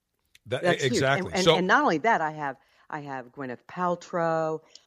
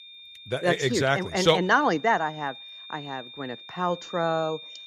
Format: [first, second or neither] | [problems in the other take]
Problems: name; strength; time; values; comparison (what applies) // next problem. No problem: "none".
first | high-pitched whine; noticeable; throughout; 3.5 kHz, 15 dB below the speech